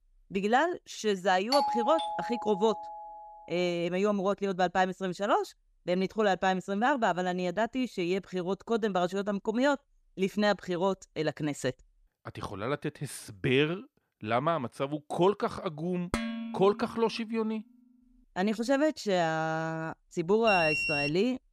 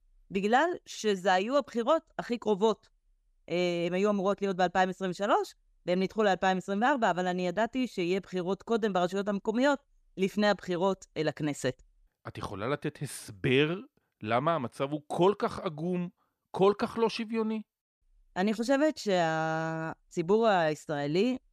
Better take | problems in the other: second | doorbell; loud; from 1.5 to 3 s; peak 1 dB above the speech // clattering dishes; noticeable; at 16 s; peak 4 dB below the speech // alarm; loud; at 20 s; peak 2 dB above the speech

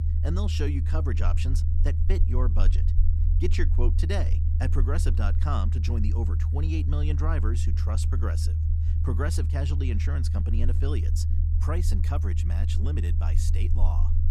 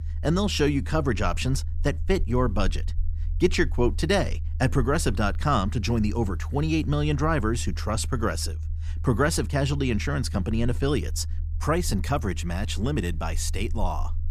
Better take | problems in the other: second | low rumble; loud; throughout; 5 dB below the speech; faint in the second

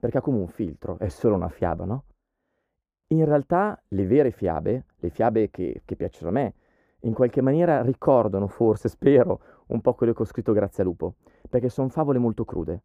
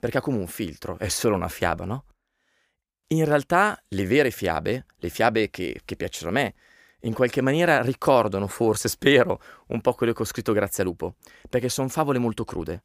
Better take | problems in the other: second | muffled; very; fading above 1.5 kHz

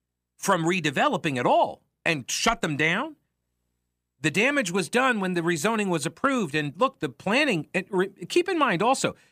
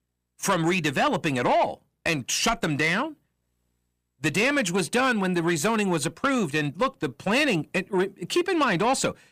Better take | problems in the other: first | distortion; slight; 10 dB below the speech

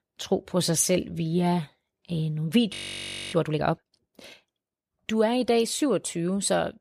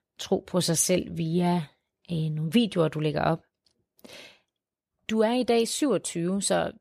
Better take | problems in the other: second | audio freezing; at 2.5 s for 0.5 s

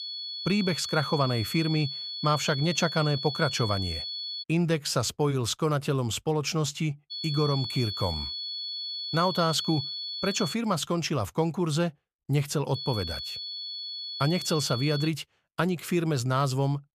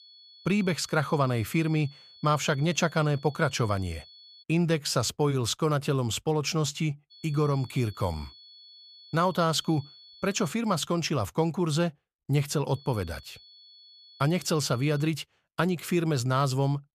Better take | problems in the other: second | high-pitched whine; loud; until 4.5 s, from 7 to 11 s and from 13 to 15 s; 4.5 kHz, 5 dB below the speech; faint in the second

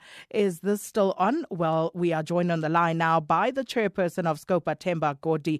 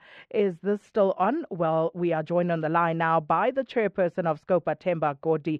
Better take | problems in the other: first | muffled; very; fading above 2.5 kHz

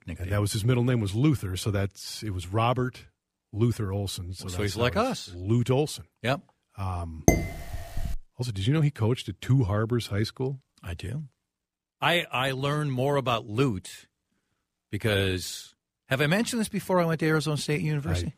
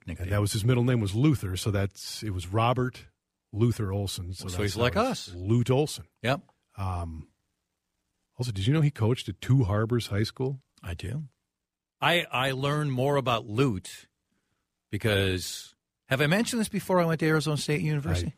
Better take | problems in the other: second | clattering dishes; loud; at 7.5 s; peak 4 dB above the speech

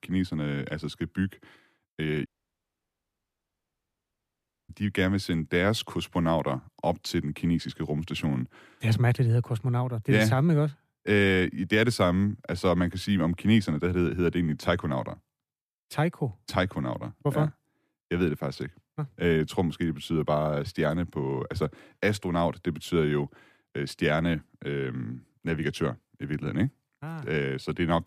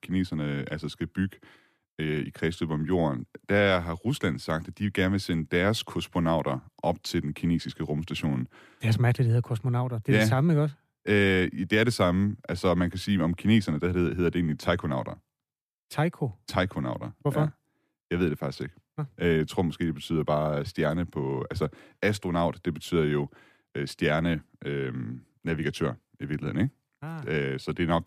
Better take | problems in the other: second | audio cutting out; at 2.5 s for 2.5 s

